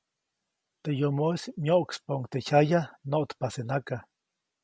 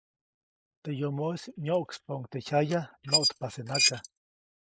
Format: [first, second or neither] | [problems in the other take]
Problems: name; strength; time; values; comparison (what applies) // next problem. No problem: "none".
first | noise reduction (neural mask model Resemble Enhance denoiser)